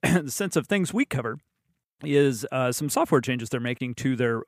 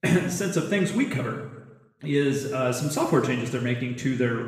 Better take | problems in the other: first | room echo; noticeable; dies away in 1 s // off-mic speech; far

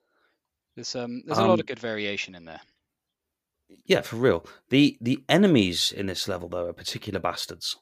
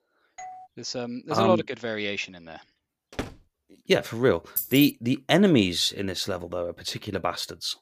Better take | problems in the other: first | doorbell; faint; at 0.5 s; peak 15 dB below the speech // door banging; faint; at 3 s; peak 10 dB below the speech // jangling keys; noticeable; at 4.5 s; peak 3 dB below the speech

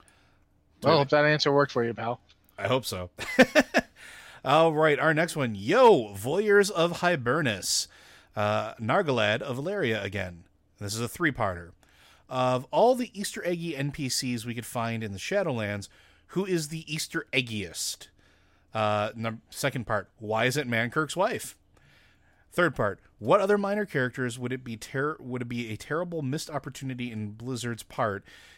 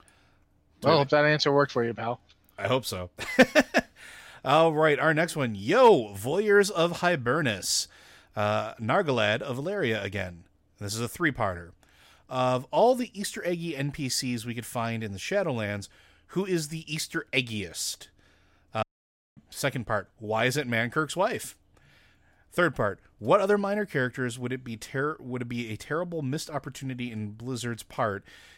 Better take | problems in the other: first | audio cutting out; at 19 s for 0.5 s

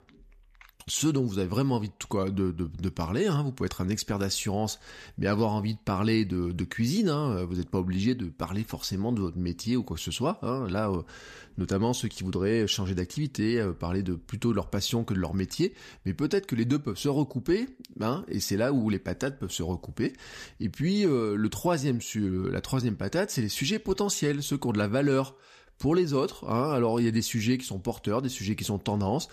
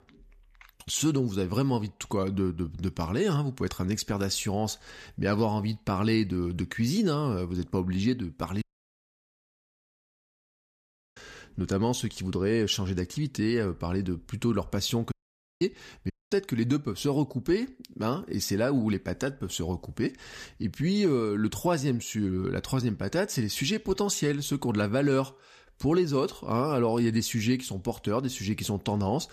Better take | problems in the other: first | audio cutting out; at 8.5 s for 2.5 s, at 15 s and at 16 s

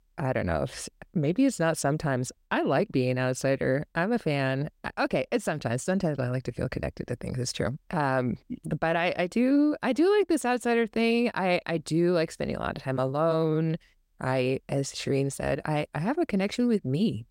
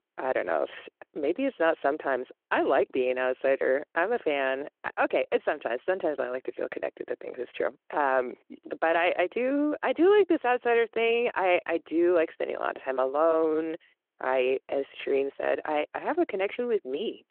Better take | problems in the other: first | phone-call audio

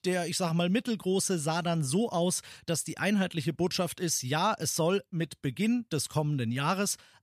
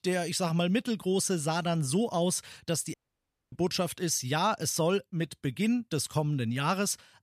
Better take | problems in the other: first | audio cutting out; at 3 s for 0.5 s

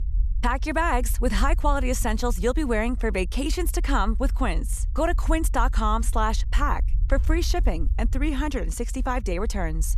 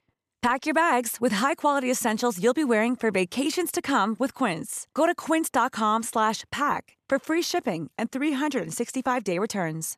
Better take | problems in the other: second | low rumble; faint; throughout; 25 dB below the speech

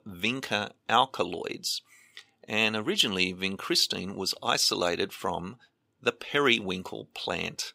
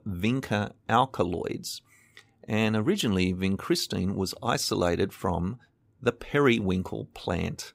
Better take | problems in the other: second | thin; very slightly; fading below 500 Hz

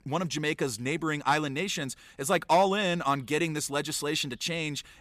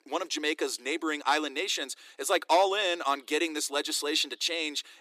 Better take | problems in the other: first | thin; somewhat; fading below 300 Hz

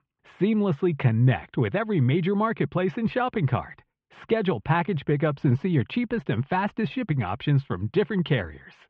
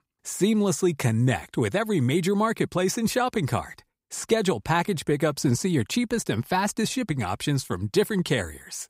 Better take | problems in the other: second | muffled; very; fading above 3 kHz

